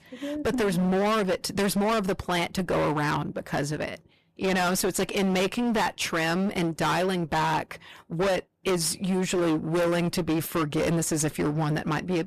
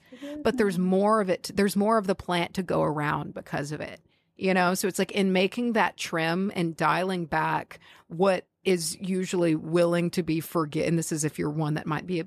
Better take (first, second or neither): second